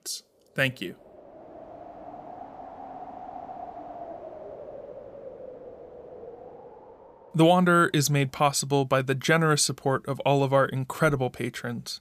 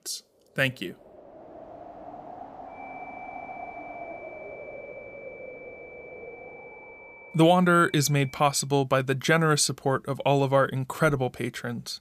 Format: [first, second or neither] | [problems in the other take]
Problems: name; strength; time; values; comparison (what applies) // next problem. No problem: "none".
first | high-pitched whine; faint; from 3 to 8.5 s; 2.5 kHz, 20 dB below the speech